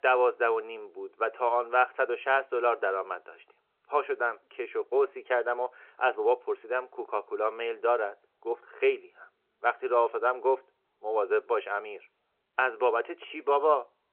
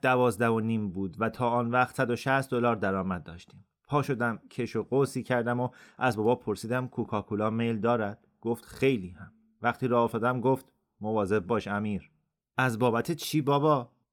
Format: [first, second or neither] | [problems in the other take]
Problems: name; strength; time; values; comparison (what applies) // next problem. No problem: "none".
second | phone-call audio